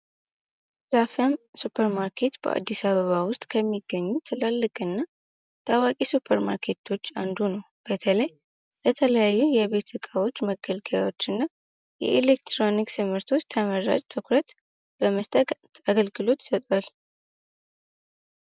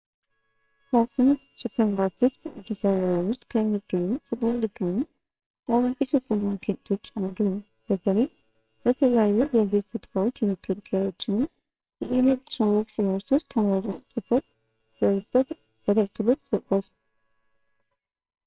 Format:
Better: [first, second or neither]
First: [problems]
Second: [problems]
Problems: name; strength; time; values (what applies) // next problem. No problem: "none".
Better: first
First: none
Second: noise reduction (neural separator model SepFormer WHAMR!)